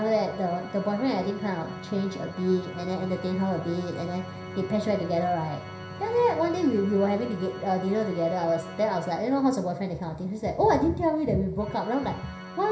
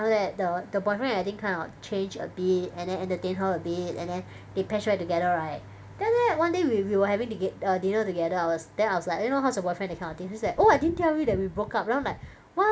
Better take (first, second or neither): second